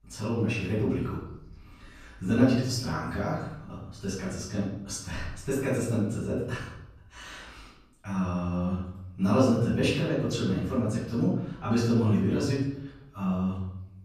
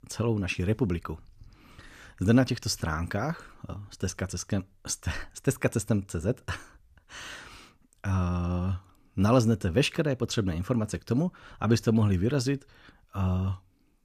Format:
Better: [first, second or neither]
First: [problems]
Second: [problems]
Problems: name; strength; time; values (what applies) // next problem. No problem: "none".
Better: second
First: off-mic speech; far // room echo; noticeable; dies away in 0.7 s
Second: none